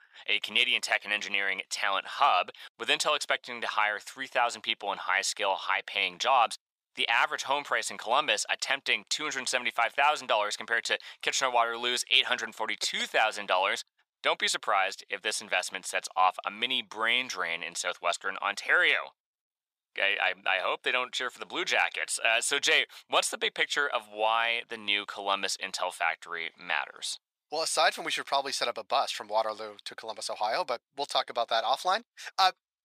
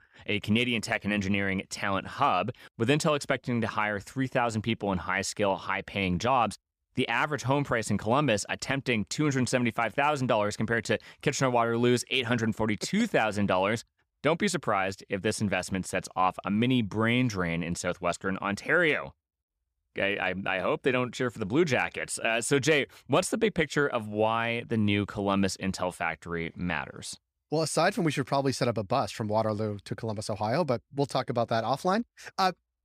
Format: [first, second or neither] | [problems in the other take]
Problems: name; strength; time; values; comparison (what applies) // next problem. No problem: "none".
second | thin; very; fading below 800 Hz